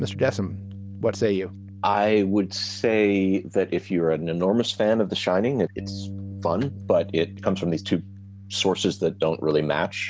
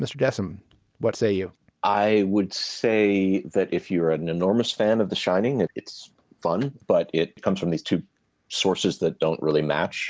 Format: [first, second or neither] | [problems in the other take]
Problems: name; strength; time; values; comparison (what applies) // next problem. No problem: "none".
second | background sound (Bass guitar); 15 dB below the speech